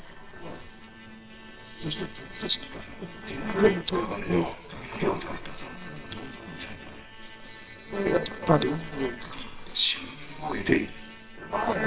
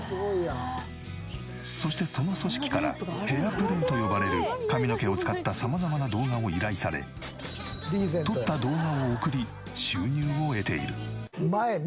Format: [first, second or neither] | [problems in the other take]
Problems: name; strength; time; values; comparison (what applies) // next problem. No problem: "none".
second | noise reduction (neural separator model SepFormer WHAMR!)